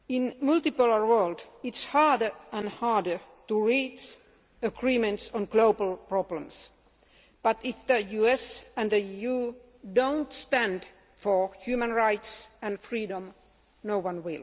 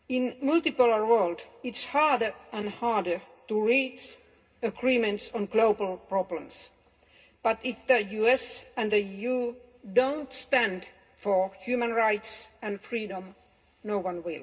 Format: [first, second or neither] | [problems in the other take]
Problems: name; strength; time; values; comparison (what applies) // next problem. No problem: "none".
first | room echo; dies away in 0.2 s